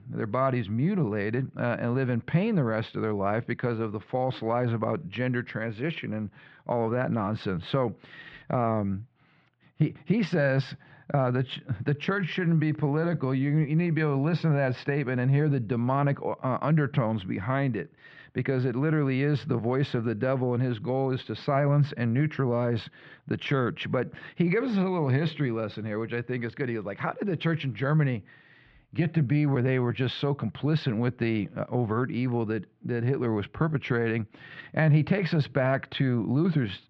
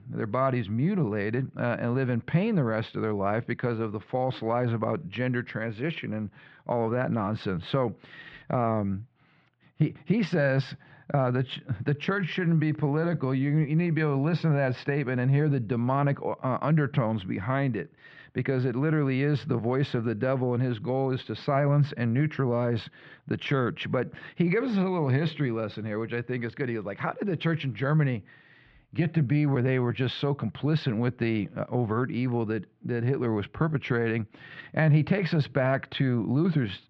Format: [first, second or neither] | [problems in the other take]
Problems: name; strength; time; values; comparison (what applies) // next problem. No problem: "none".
neither | muffled; very; fading above 3 kHz; the same in both